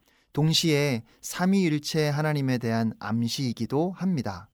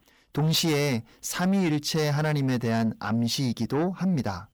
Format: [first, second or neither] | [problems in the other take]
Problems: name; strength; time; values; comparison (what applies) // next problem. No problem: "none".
first | distortion; slight; 10 dB below the speech